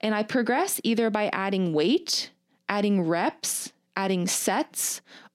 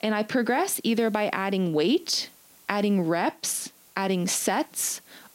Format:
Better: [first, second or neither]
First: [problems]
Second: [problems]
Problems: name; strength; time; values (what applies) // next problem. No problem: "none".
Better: first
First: none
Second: hiss; faint; throughout; 30 dB below the speech